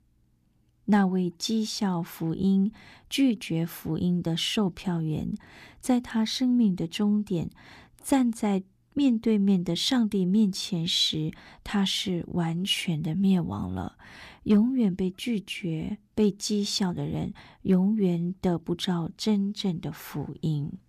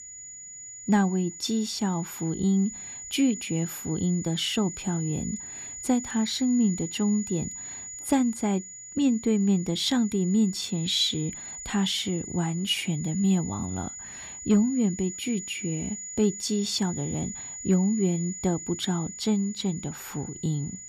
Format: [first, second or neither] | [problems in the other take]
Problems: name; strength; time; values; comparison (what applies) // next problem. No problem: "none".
first | high-pitched whine; loud; throughout; 7 kHz, 10 dB below the speech